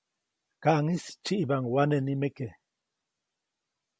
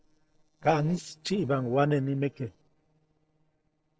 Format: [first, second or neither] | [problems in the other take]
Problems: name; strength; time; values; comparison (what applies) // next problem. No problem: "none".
first | noise reduction (neural separator model SepFormer DNS4)